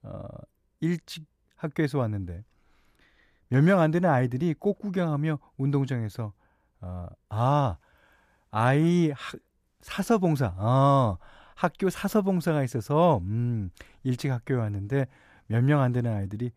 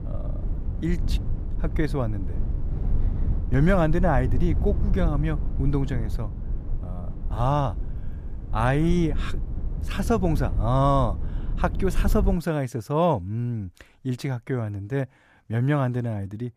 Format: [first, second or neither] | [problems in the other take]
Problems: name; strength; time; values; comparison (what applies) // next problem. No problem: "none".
first | low rumble; noticeable; until 12 s; 15 dB below the speech